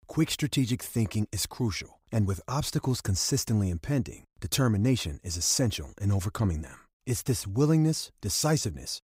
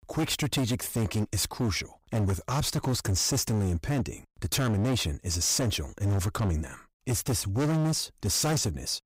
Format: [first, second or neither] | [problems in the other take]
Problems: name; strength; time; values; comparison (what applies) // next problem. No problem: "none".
first | distortion; heavy; 21% of the sound clipped